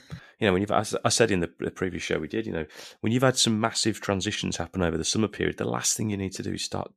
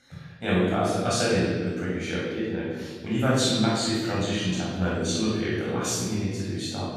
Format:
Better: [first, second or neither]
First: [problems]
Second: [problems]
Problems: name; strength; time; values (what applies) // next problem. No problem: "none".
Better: first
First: none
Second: off-mic speech; far // room echo; strong; dies away in 1.5 s